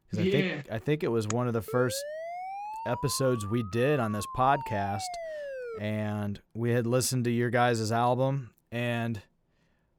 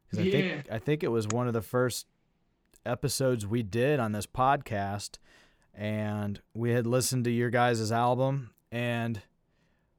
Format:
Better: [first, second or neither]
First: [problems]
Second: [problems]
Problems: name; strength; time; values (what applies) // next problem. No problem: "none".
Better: second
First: siren; noticeable; from 1.5 to 6 s; peak 9 dB below the speech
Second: none